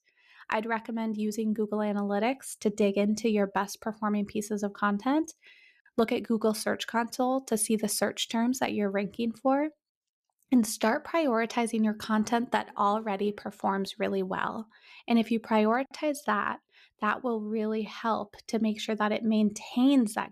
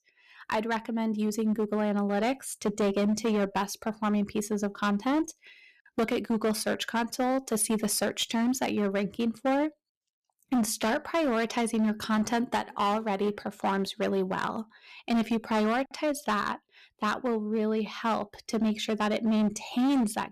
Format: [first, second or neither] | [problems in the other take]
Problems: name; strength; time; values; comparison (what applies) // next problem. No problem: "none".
first | distortion; slight; 12% of the sound clipped